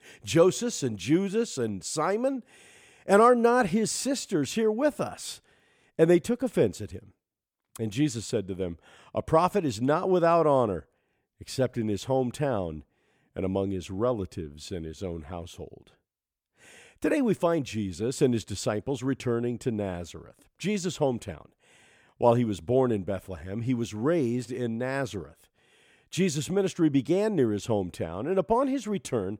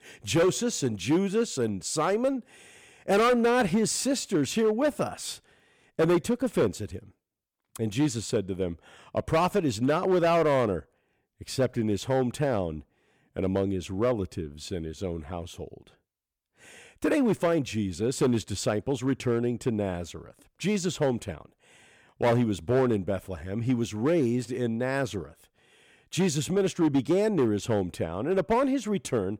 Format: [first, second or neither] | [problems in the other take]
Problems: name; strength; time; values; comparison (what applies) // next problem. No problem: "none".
first | distortion; slight; 5% of the sound clipped